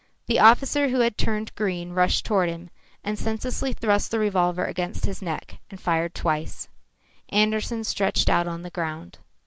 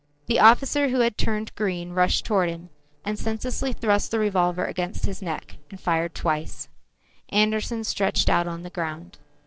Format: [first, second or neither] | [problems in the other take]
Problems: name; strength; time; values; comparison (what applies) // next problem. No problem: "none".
first | noise reduction (neural separator model SepFormer DNS4)